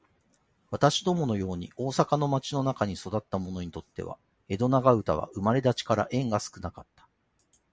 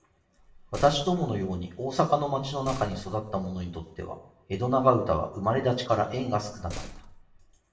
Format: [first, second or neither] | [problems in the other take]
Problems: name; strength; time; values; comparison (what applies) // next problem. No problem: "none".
first | background sound (Slam); 14 dB below the speech // room echo; dies away in 0.6 s